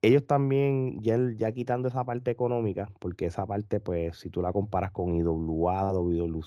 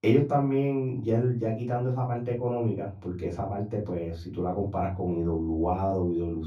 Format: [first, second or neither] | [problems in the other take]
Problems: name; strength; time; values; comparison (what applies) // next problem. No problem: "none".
first | off-mic speech; far // room echo; very slight; dies away in 0.3 s